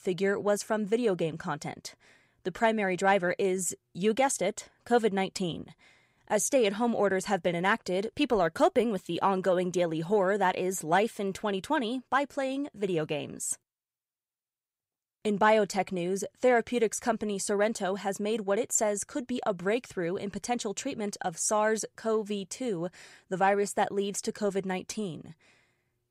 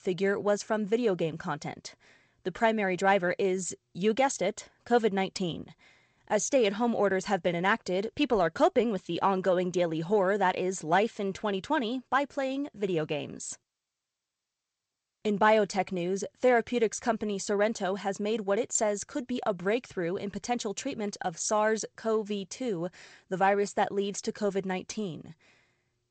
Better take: first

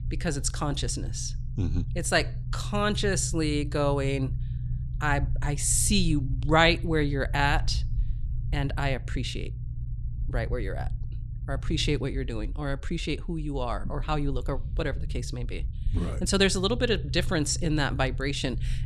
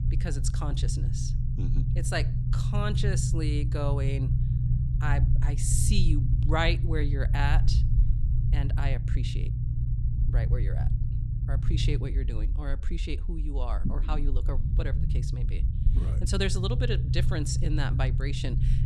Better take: first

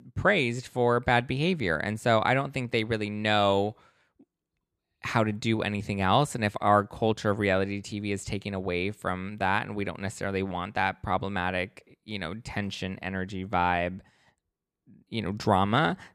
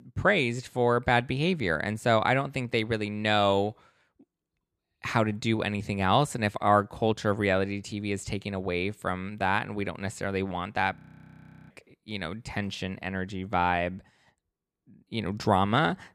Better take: first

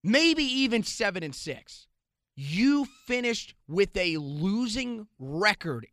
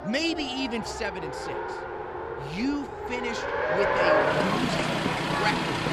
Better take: first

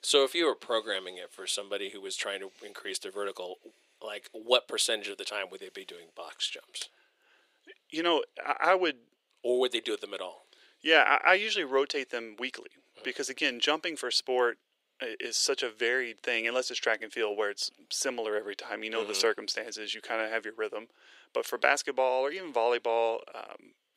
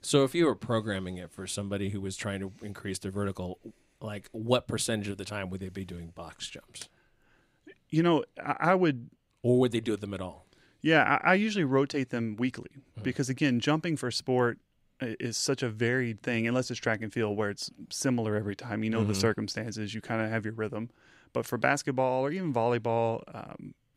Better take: second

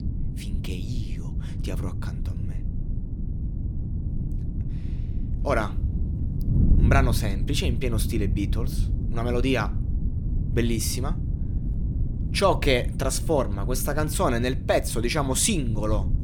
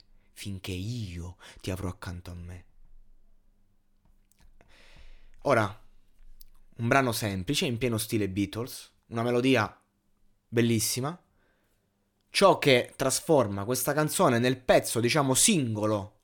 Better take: second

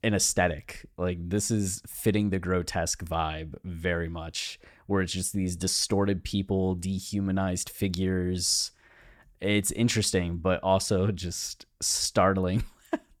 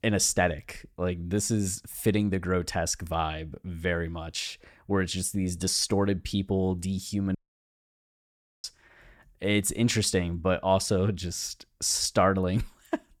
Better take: first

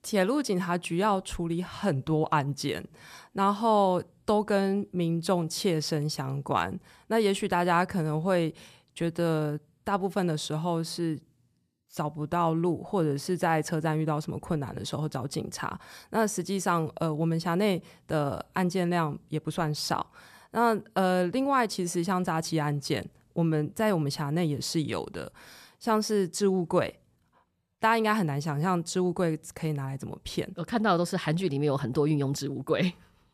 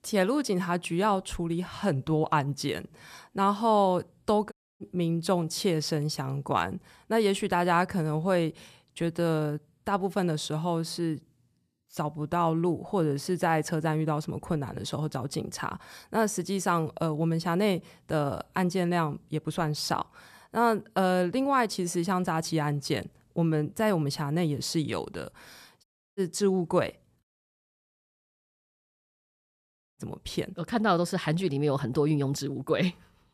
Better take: first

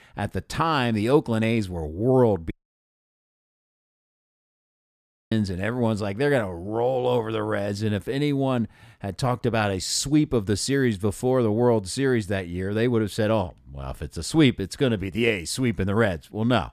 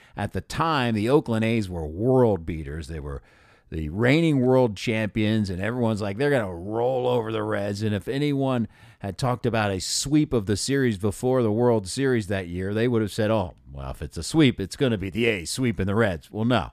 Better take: second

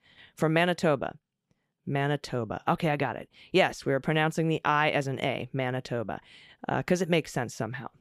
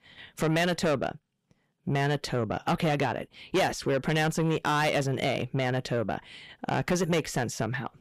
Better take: first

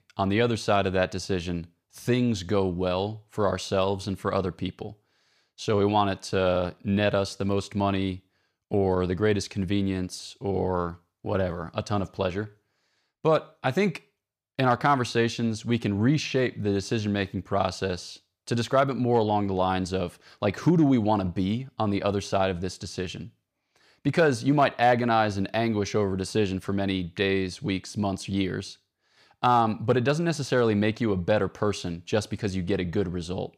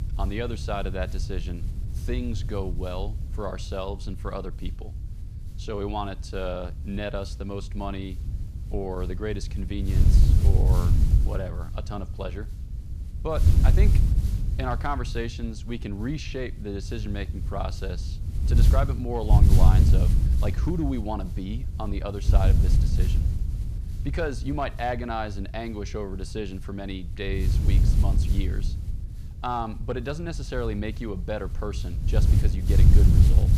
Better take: first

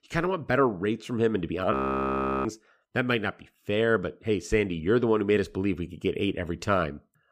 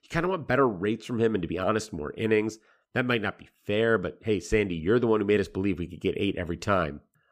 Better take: second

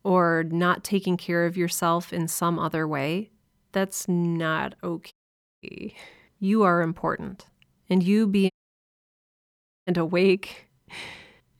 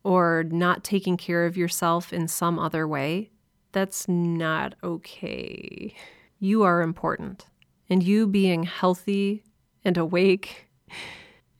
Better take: second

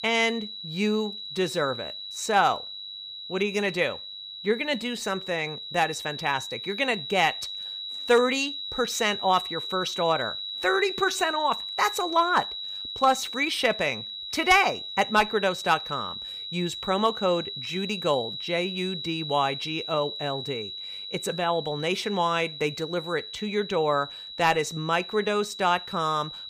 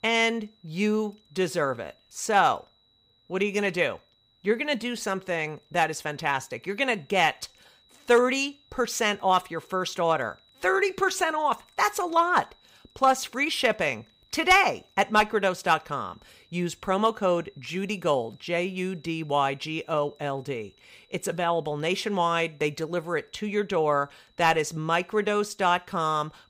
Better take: second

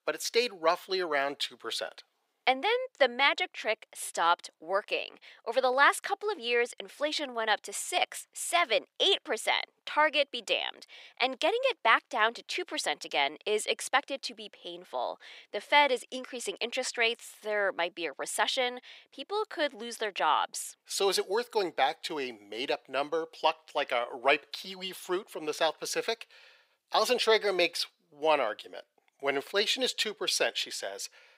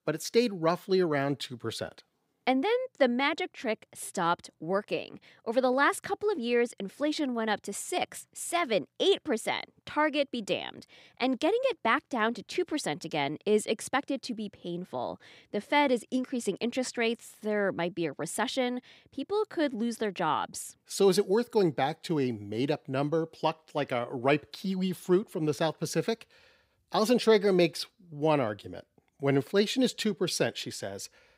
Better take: second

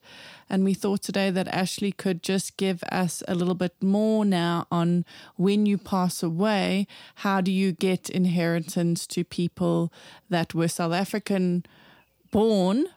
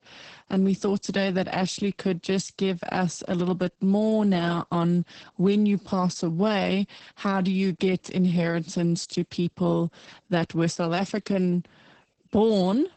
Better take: first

